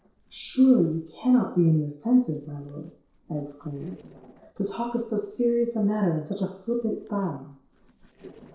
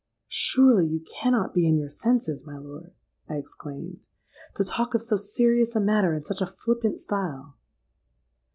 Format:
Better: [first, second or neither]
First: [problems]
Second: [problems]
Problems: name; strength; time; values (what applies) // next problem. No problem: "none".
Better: second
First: noise reduction (neural separator model SepFormer DNS4)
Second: none